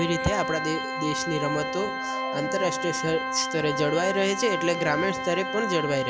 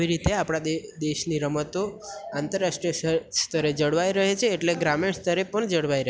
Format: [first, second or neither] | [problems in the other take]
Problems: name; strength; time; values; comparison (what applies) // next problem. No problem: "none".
second | background sound (Organ); 3 dB below the speech